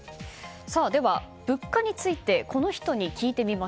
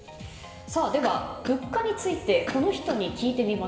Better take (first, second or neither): first